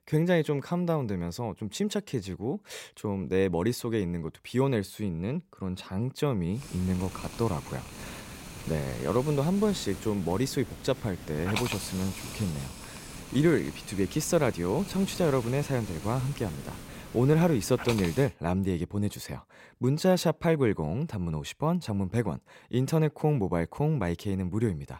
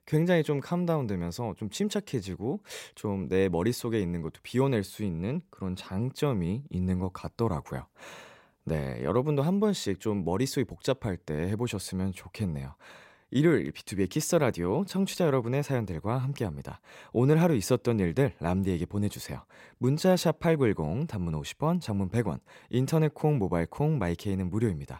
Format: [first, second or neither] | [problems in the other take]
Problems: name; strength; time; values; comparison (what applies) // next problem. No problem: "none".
second | hiss; noticeable; from 6.5 to 18 s; 10 dB below the speech